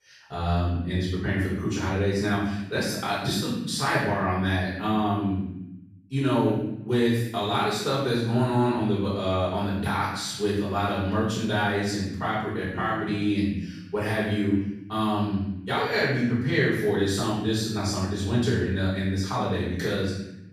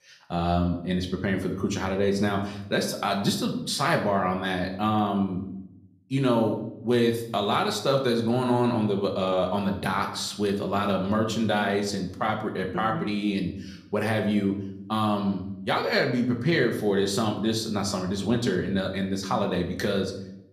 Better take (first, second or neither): second